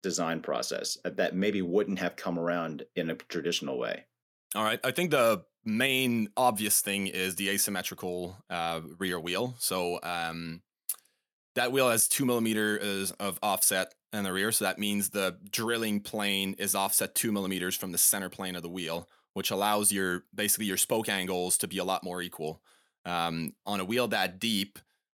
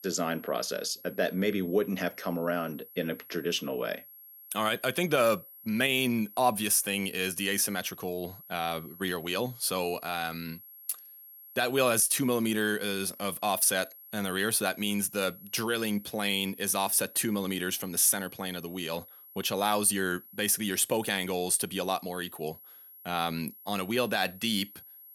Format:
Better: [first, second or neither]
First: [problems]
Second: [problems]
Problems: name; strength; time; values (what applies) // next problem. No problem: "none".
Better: first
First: none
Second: high-pitched whine; noticeable; throughout; 11.5 kHz, 20 dB below the speech